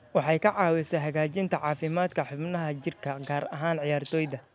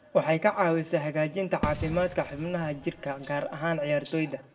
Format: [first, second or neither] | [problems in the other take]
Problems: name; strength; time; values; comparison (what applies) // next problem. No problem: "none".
first | background sound (Fireworks); 11 dB below the speech // room echo; dies away in 0.3 s